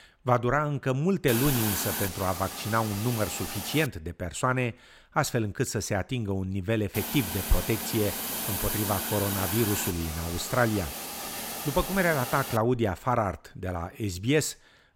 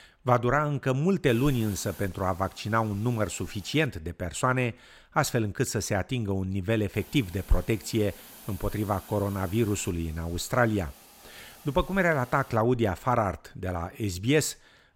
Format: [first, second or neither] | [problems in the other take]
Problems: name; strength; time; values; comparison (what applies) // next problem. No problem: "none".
second | hiss; loud; from 1.5 to 4 s and from 7 to 13 s; 4 dB below the speech; faint in the second